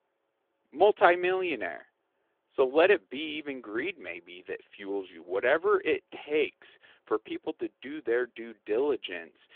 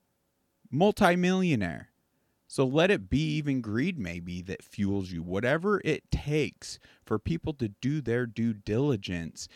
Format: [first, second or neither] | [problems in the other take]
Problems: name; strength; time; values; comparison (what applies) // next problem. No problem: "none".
second | phone-call audio; nothing above 3.5 kHz